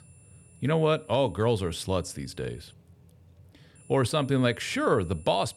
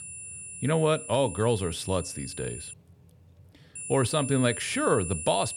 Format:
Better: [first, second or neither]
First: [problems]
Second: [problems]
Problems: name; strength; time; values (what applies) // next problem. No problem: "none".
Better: first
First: high-pitched whine; faint; until 2.5 s and from 4 s on; 9.5 kHz, 30 dB below the speech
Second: high-pitched whine; loud; until 2.5 s and from 4 s on; 9.5 kHz, 9 dB below the speech